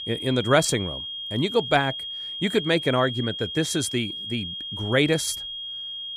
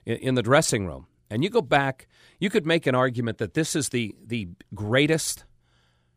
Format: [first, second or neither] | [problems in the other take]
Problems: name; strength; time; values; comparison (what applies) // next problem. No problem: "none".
second | high-pitched whine; loud; throughout; 3.5 kHz, 7 dB below the speech